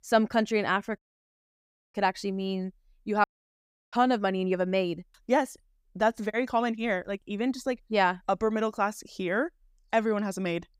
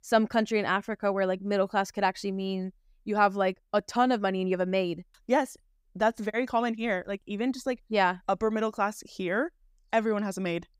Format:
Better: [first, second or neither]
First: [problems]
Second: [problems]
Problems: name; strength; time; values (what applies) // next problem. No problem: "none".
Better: second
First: audio cutting out; at 1 s for 1 s and at 3 s for 0.5 s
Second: none